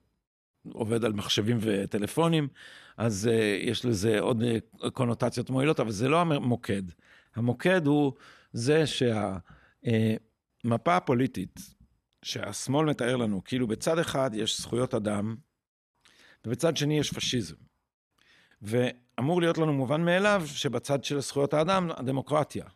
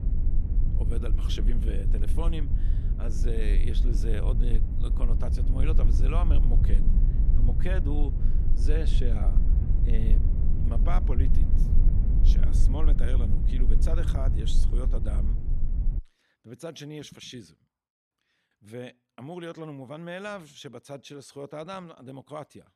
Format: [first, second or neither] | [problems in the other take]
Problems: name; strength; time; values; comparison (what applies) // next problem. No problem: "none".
first | low rumble; loud; until 16 s; 5 dB below the speech